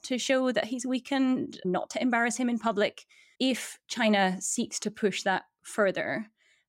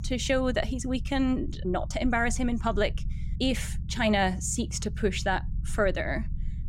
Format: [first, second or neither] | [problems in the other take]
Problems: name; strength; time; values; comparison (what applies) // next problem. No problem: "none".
first | low rumble; faint; throughout; 20 dB below the speech